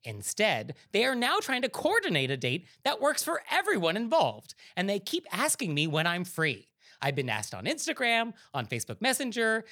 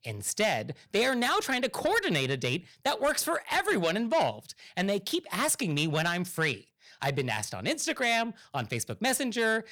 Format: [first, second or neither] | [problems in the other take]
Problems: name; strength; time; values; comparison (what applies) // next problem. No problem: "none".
first | distortion; slight; 10 dB below the speech